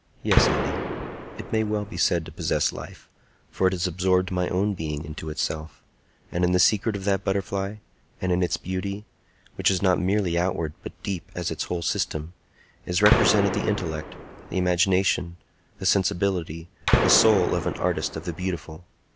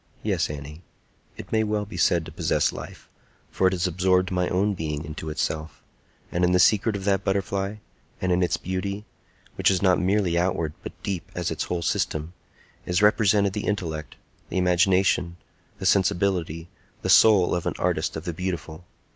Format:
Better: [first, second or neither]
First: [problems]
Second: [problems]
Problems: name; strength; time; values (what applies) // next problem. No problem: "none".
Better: second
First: background sound (Gunshot, gunfire); as loud as the speech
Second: none